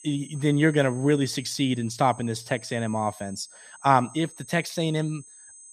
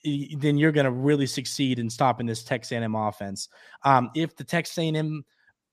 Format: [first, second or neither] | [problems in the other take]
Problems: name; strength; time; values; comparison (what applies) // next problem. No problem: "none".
second | high-pitched whine; noticeable; throughout; 8 kHz, 20 dB below the speech